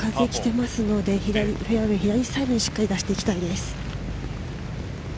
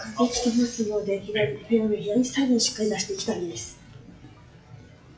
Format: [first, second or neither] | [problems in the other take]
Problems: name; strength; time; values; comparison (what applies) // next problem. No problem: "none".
first | noise reduction (classical method WPE with log-MMSE)